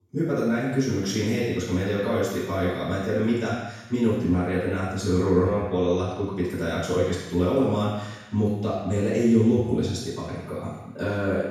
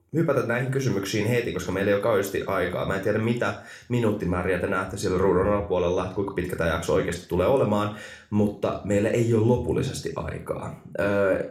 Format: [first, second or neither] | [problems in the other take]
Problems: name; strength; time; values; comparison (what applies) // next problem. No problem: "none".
second | room echo; strong; dies away in 1.1 s; slight in the second // off-mic speech; far